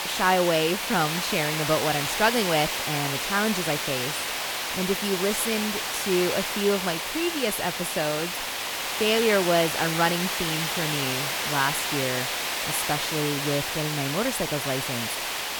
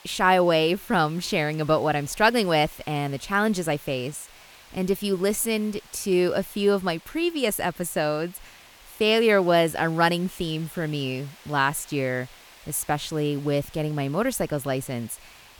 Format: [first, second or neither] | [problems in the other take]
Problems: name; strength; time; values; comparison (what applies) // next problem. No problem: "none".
second | hiss; loud; throughout; as loud as the speech; faint in the second